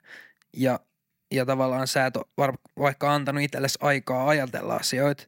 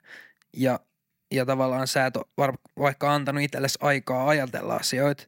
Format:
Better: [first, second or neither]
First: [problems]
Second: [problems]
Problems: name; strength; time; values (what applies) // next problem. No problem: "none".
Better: neither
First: none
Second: none